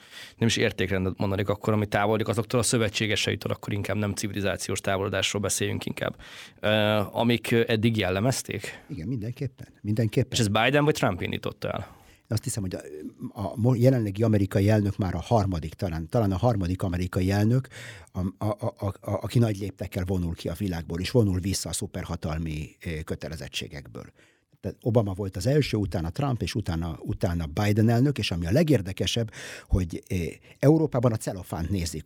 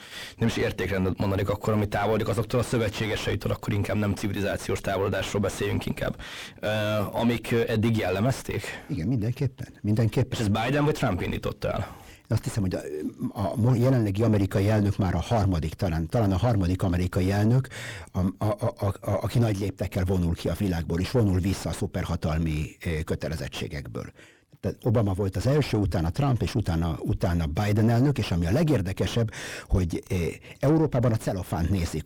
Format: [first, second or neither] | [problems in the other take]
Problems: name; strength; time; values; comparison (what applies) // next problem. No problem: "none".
first | distortion; heavy; 5 dB below the speech